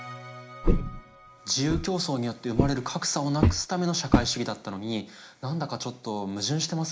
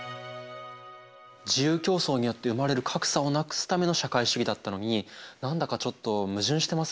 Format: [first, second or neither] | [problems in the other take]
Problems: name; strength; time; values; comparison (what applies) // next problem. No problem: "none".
second | background sound (Walk, footsteps); 2 dB above the speech // room echo; dies away in 0.4 s